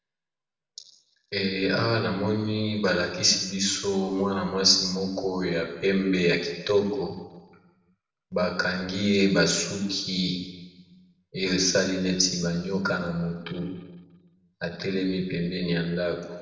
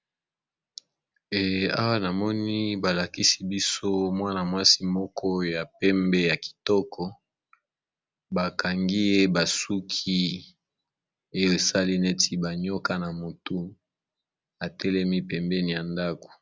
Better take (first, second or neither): second